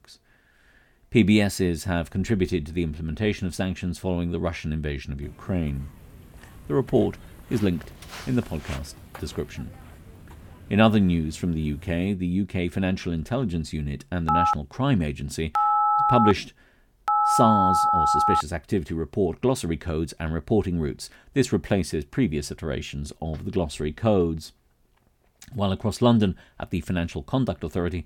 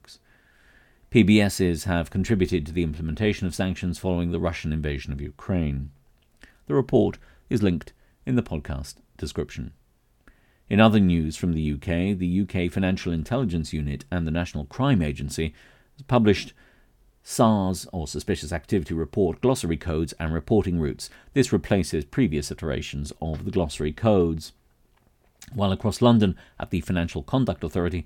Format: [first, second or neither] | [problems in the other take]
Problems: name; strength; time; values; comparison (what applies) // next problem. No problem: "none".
second | footsteps; faint; from 5 to 12 s; peak 15 dB below the speech // phone ringing; loud; from 14 to 18 s; peak 6 dB above the speech